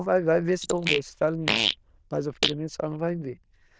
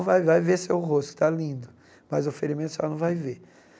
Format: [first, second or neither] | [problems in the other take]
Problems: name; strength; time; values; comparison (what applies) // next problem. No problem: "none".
second | noise reduction (neural diffusion model UNIVERSE++)